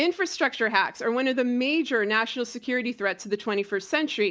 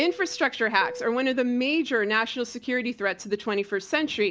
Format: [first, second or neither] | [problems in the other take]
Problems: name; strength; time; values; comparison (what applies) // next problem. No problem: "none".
first | background sound (Fixed-wing aircraft, airplane); 19 dB below the speech